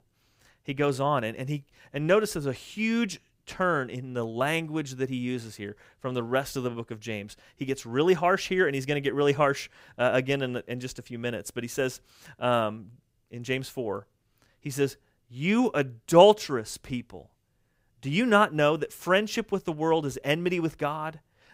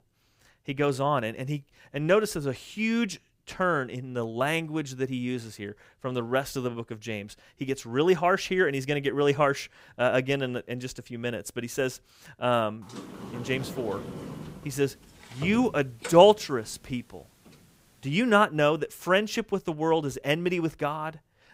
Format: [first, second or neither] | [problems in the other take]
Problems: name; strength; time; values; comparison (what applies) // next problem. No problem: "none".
first | door banging; faint; from 13 to 17 s; peak 10 dB below the speech